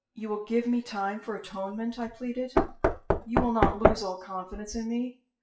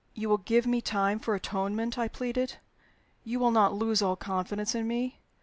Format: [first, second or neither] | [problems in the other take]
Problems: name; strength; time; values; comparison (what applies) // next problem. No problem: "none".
second | noise reduction (classical method WPE with log-MMSE)